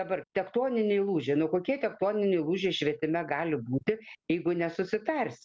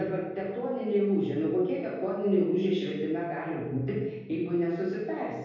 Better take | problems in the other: first | room echo; dies away in 1.3 s

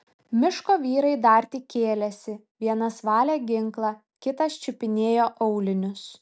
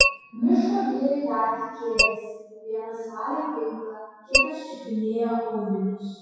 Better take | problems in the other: first | noise reduction (classical method WPE with log-MMSE)

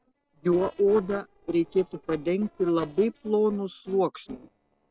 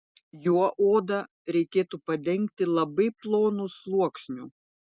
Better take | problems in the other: second | noise reduction (neural separator model SepFormer DNS4)

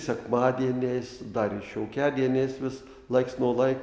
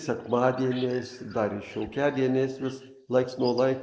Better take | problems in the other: first | noise reduction (neural mask model Resemble Enhance denoiser)

